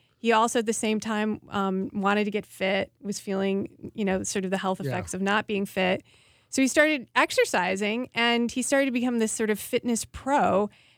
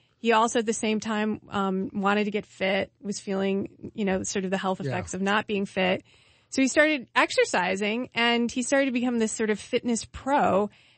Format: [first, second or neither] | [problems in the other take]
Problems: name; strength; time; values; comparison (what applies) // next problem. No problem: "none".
first | garbled, watery; slightly; nothing above 8 kHz